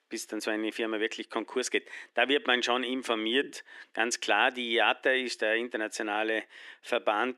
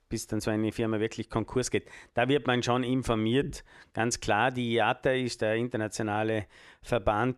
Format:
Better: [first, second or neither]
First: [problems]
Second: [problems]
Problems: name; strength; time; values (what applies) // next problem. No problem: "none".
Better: second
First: thin; somewhat; fading below 250 Hz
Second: none